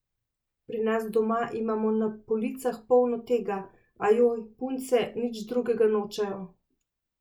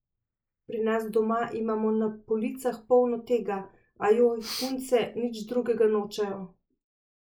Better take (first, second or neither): first